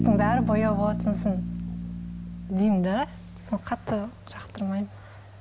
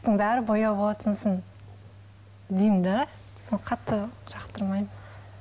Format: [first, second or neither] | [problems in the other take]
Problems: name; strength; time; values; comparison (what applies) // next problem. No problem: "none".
second | background sound (Bass guitar); 4 dB below the speech